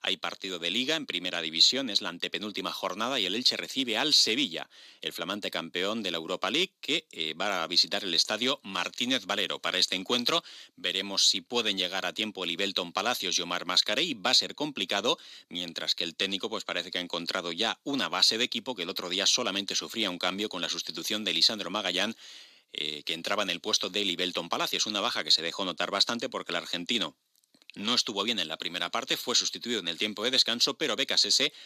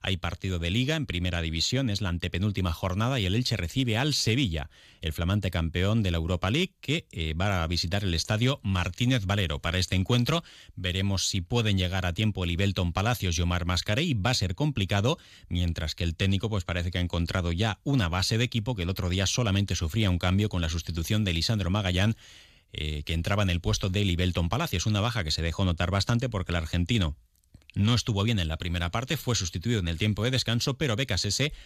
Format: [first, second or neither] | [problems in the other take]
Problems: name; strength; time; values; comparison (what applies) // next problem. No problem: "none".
second | thin; somewhat; fading below 250 Hz